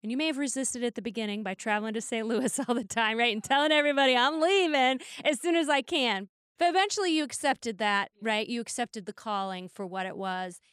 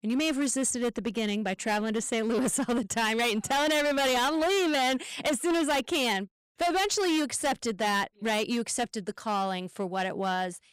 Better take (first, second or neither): first